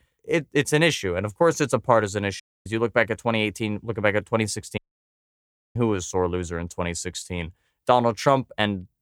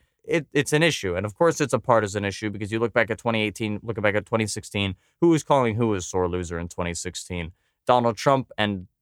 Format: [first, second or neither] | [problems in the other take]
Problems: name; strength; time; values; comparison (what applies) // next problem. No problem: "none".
second | audio cutting out; at 2.5 s and at 5 s for 1 s